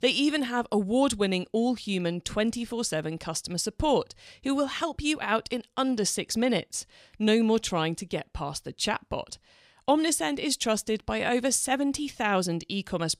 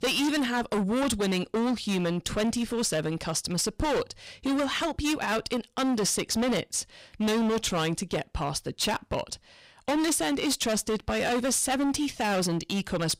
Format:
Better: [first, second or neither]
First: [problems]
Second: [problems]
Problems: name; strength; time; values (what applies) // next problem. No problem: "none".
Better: first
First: none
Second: distortion; heavy; 22% of the sound clipped